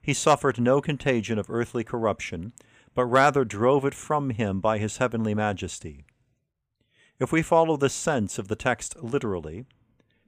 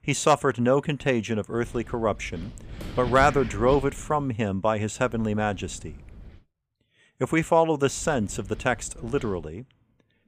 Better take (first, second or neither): first